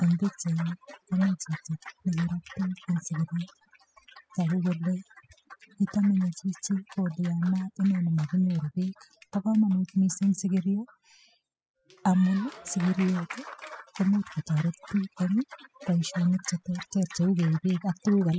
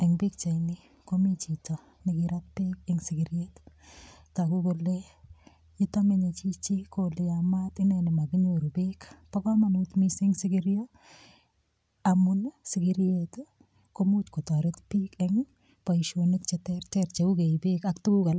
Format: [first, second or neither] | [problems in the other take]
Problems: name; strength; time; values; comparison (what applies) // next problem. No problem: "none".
second | noise reduction (classical method spectral subtraction)